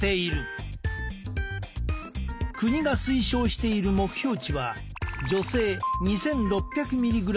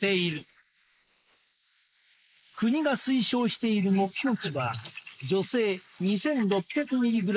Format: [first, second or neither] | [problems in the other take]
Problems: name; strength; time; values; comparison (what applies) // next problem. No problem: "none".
first | noise reduction (neural mask model Resemble Enhance denoiser)